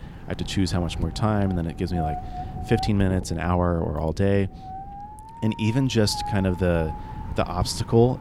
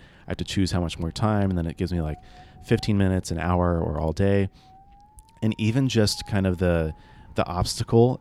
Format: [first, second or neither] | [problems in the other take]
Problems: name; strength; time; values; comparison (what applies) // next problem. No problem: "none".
second | wind noise on the microphone; heavy; 8 dB below the speech; occasional gusts in the second